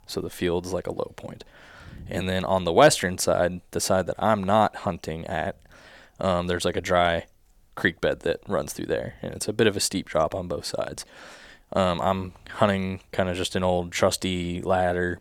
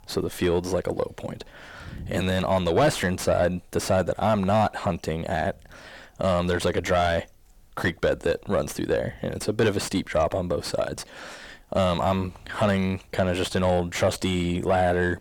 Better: first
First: none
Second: distortion; heavy; 7 dB below the speech

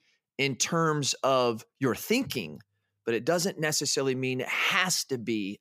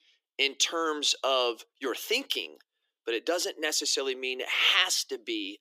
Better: first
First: none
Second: thin; somewhat; fading below 300 Hz

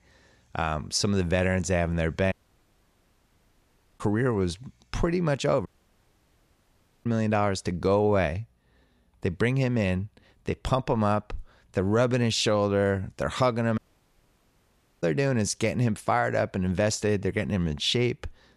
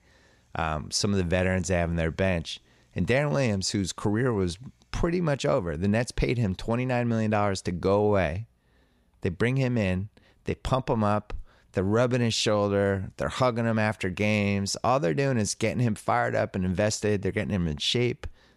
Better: second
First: audio cutting out; at 2.5 s for 1.5 s, at 5.5 s for 1.5 s and at 14 s for 1 s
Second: none

